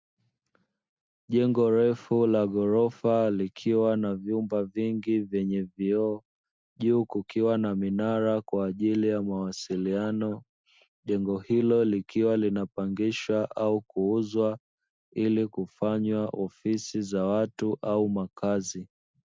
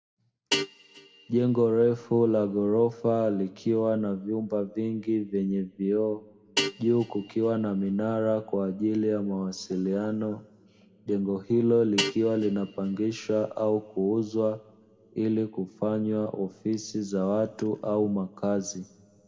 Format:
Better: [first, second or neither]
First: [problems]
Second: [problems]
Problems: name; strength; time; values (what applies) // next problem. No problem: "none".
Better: first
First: none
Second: background sound (Guitar); 11 dB below the speech // room echo; dies away in 1.4 s